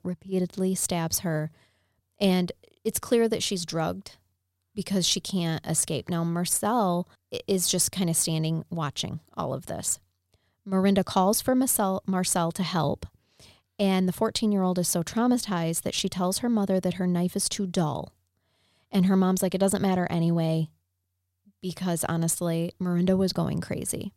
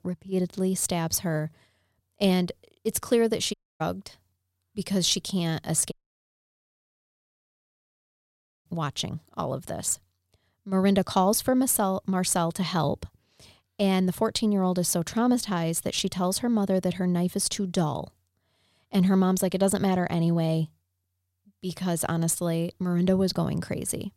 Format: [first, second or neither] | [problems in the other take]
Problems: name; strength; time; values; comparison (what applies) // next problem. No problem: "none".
first | audio cutting out; at 3.5 s and at 6 s for 2.5 s